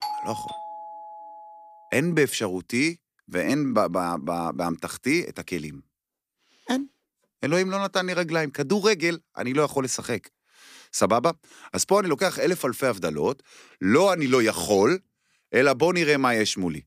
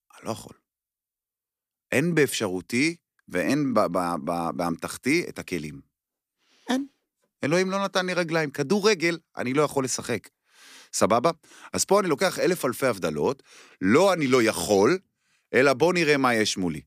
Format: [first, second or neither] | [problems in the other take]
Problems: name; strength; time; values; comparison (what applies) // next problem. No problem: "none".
second | doorbell; noticeable; until 1.5 s; peak 7 dB below the speech